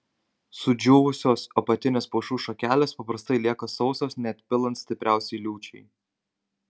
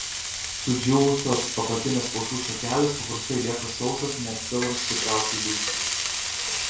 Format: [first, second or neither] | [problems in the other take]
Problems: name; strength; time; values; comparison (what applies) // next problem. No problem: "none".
first | background sound (Frying (food)); 2 dB below the speech // room echo; dies away in 0.4 s